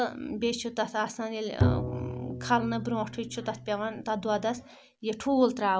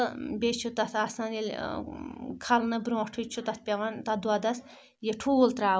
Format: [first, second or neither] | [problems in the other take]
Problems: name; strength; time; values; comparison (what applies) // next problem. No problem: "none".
second | background sound (Bowed string instrument); 3 dB below the speech